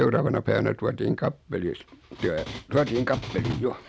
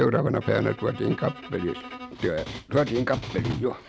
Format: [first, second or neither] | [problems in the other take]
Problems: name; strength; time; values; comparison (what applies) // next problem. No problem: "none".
first | background sound (Bowed string instrument); 17 dB below the speech